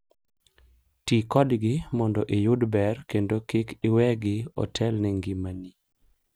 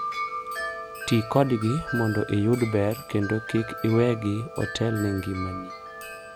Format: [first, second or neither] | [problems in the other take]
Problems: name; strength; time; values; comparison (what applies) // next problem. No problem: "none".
first | background sound (Wind chime); 9 dB below the speech